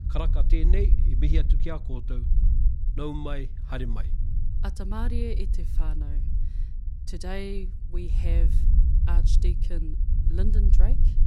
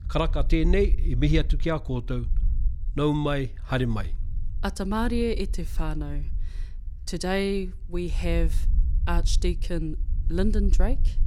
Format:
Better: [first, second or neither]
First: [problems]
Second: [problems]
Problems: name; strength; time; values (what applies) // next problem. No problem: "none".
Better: second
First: low rumble; loud; throughout; 7 dB below the speech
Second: low rumble; faint; throughout; 20 dB below the speech